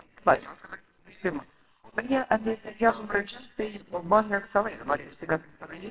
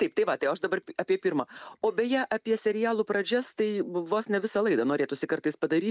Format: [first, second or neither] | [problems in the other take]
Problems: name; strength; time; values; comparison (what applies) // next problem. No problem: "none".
second | noise reduction (neural separator model SepFormer WHAMR!)